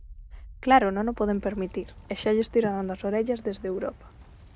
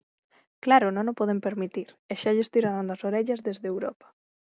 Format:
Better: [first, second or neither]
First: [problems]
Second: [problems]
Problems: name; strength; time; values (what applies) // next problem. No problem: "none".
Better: second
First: background sound (Wind); 19 dB below the speech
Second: none